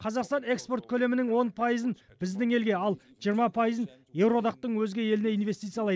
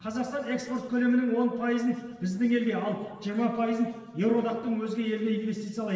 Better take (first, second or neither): first